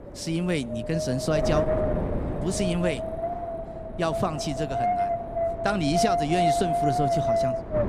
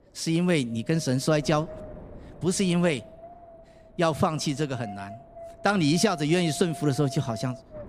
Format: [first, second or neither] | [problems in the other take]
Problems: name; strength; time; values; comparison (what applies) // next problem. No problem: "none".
second | wind noise on the microphone; heavy; 4 dB above the speech; occasional gusts in the second